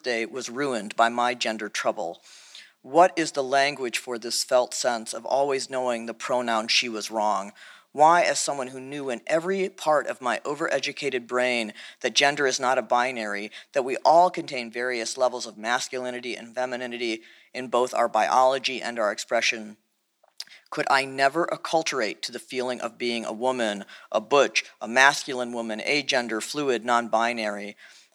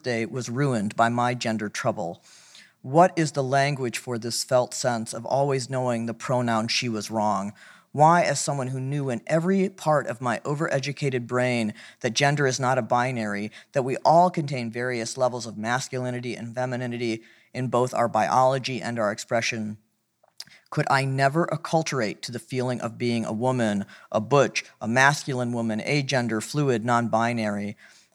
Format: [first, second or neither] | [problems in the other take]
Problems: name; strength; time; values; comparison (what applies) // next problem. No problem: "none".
second | thin; somewhat; fading below 300 Hz